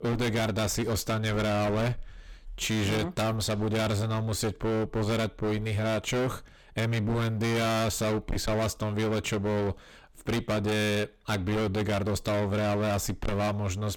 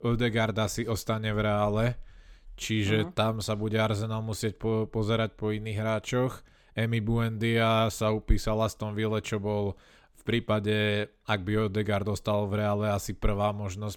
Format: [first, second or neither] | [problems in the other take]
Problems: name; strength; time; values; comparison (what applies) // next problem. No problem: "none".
second | distortion; heavy; 32% of the sound clipped